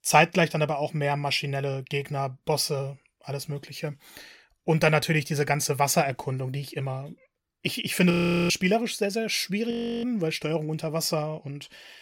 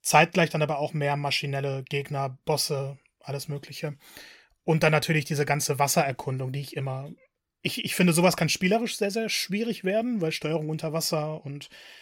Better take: second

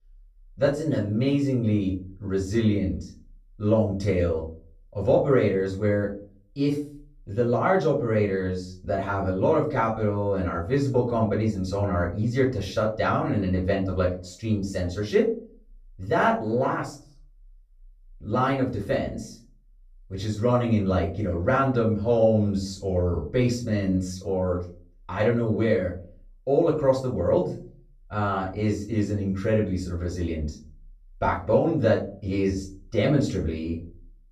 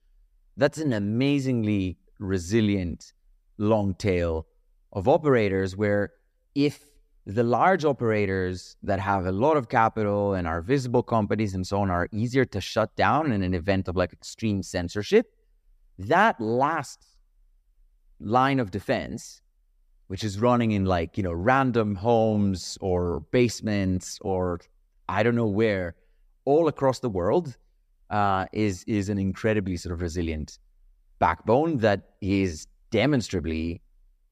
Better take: second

